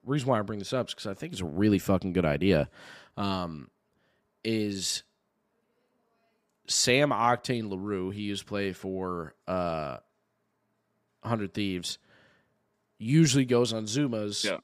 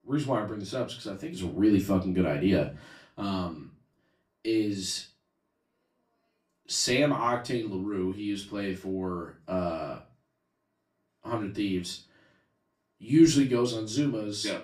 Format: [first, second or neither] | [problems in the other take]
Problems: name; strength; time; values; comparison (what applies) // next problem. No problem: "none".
first | off-mic speech; far // room echo; very slight; dies away in 0.3 s